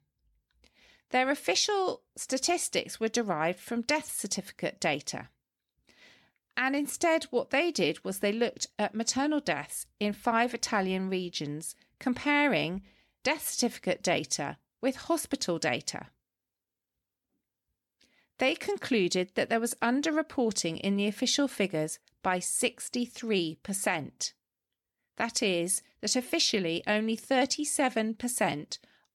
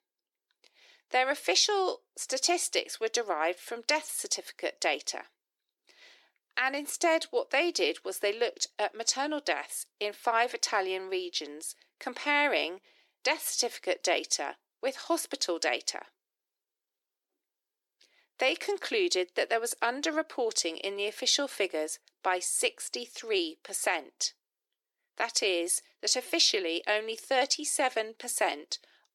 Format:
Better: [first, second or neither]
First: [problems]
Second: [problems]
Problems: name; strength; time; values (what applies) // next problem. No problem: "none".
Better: first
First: none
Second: thin; somewhat; fading below 350 Hz